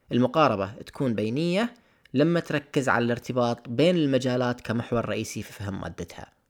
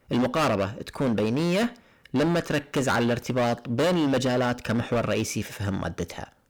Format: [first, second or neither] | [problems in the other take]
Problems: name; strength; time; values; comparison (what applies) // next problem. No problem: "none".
first | distortion; heavy; 18% of the sound clipped